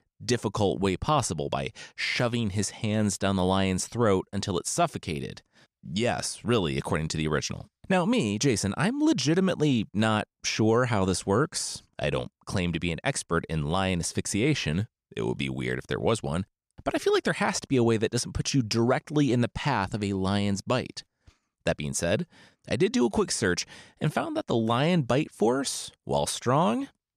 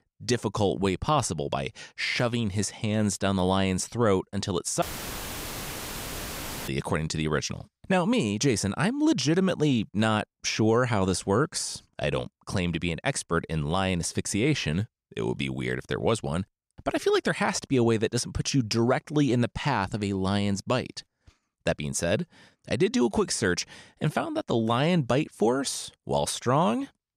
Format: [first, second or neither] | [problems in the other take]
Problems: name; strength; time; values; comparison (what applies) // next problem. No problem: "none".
first | audio cutting out; filled with static; at 5 s for 2 s